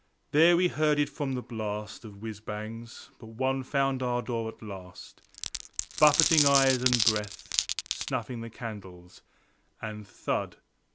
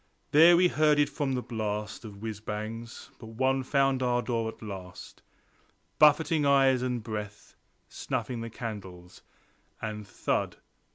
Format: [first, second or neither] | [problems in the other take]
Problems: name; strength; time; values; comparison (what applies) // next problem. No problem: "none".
second | background sound (Glass); 1 dB below the speech